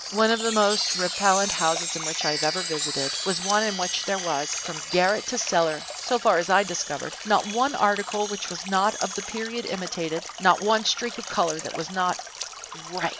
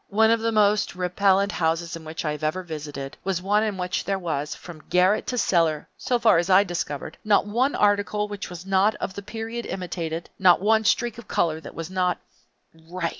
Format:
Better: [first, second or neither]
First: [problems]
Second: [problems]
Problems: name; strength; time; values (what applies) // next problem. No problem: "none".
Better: second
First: background sound (Chime + Stream); 7 dB below the speech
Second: none